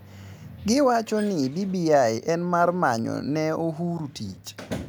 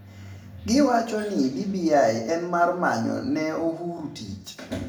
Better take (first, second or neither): first